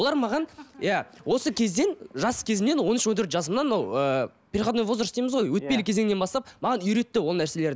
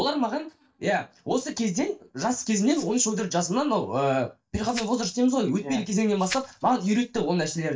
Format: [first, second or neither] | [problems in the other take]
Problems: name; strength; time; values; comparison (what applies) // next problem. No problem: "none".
first | noise reduction (neural mask model DeepFilterNet 3)